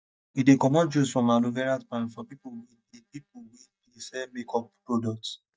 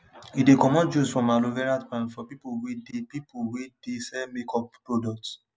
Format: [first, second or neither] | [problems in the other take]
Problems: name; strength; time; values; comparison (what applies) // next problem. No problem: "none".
second | noise reduction (neural mask model DeepFilterNet 3)